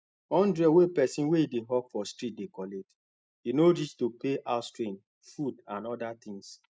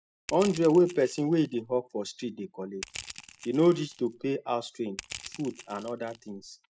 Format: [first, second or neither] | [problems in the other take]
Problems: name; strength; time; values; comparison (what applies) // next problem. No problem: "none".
first | background sound (Crushing); 17 dB below the speech